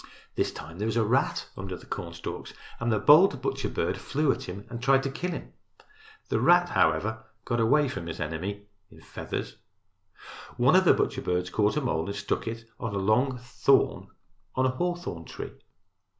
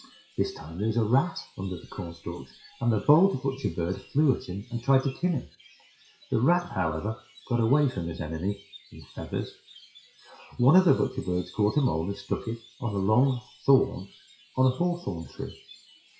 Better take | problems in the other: first | noise reduction (classical method WPE with log-MMSE)

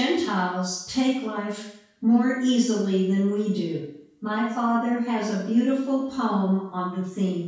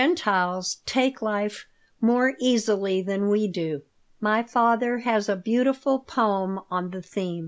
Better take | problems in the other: second | room echo; dies away in 0.6 s

